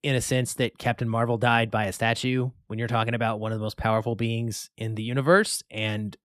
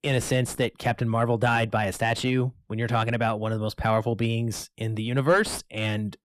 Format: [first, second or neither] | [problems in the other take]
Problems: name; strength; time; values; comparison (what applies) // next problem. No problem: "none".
first | distortion; slight; 10 dB below the speech